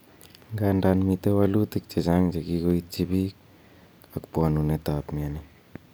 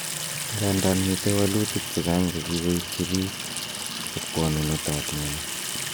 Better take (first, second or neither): first